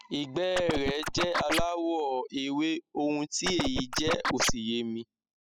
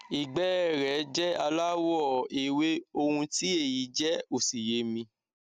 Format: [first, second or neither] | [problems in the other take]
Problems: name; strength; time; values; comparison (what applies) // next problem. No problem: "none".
second | noise reduction (classical method spectral subtraction)